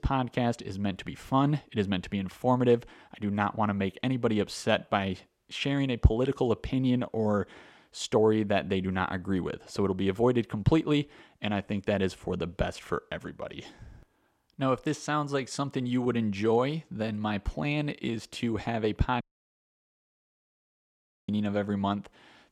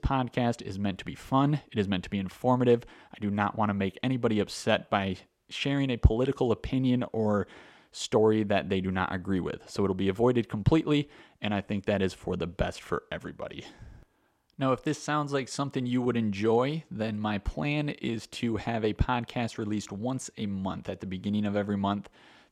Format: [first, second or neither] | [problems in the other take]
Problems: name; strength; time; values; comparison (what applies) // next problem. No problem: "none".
second | audio cutting out; at 19 s for 2 s